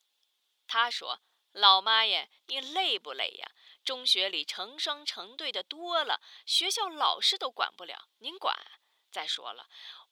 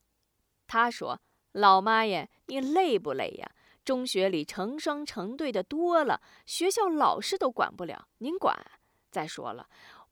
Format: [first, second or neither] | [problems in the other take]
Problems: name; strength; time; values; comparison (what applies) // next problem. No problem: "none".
second | thin; very; fading below 700 Hz